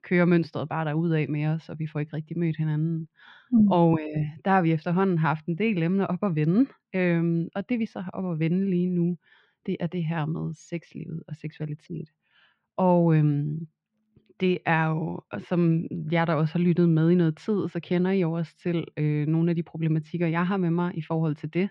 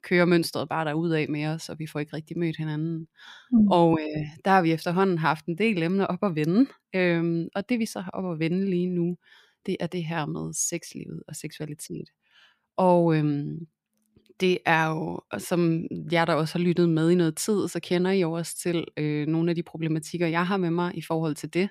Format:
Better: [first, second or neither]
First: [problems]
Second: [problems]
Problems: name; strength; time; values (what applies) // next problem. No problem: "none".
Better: second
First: muffled; very; fading above 3 kHz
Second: none